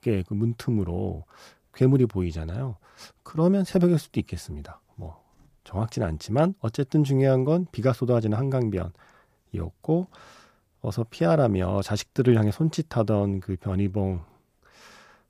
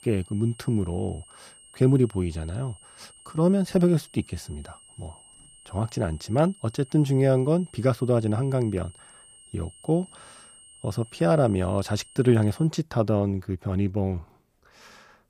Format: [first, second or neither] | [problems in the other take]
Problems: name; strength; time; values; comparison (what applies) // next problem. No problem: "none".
first | high-pitched whine; faint; until 13 s; 8.5 kHz, 25 dB below the speech